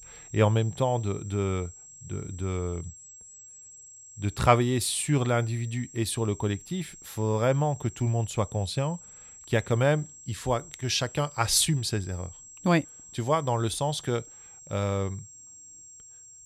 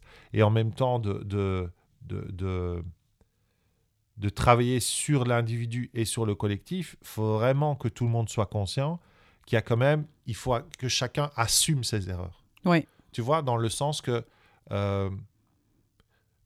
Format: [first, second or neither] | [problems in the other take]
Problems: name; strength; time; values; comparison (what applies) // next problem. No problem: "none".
second | high-pitched whine; noticeable; throughout; 7.5 kHz, 20 dB below the speech